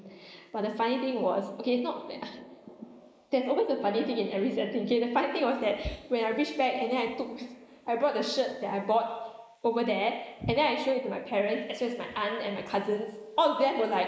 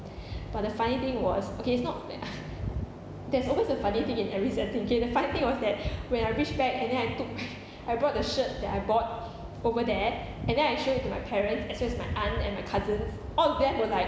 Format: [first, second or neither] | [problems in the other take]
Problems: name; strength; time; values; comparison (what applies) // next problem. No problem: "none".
second | noise reduction (neural mask model Resemble Enhance denoiser)